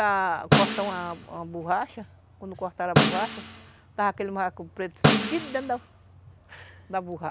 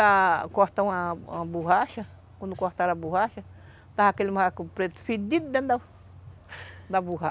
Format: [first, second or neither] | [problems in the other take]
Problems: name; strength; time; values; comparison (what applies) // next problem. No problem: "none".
second | background sound (Snare drum); 2 dB above the speech